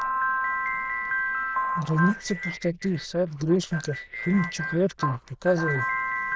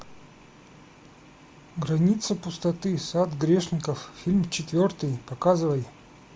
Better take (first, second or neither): second